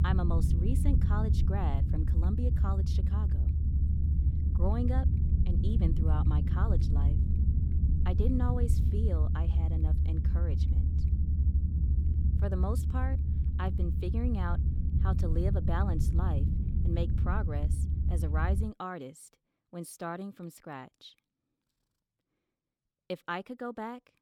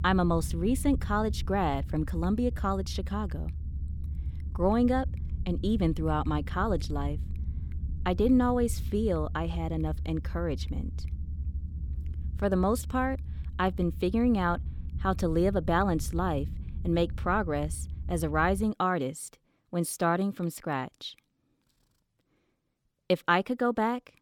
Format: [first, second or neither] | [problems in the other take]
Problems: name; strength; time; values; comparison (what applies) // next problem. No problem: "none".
second | low rumble; loud; until 19 s; 4 dB below the speech; faint in the second